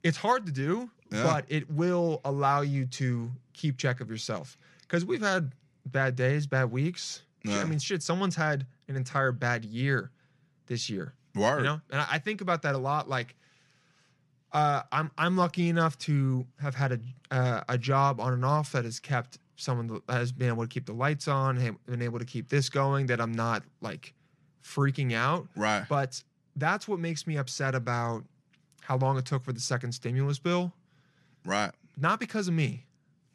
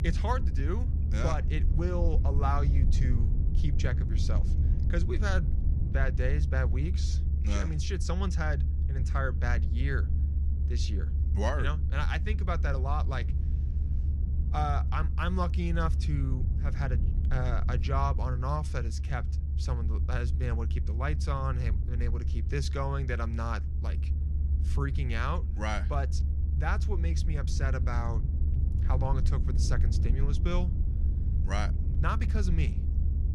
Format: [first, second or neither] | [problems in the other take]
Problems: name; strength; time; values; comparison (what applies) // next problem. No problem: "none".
first | low rumble; noticeable; throughout; 10 dB below the speech